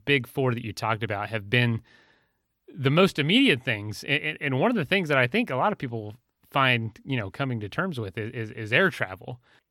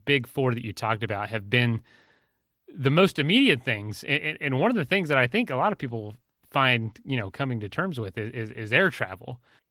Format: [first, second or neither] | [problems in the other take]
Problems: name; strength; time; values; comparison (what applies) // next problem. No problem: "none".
first | garbled, watery; slightly; nothing above 17.5 kHz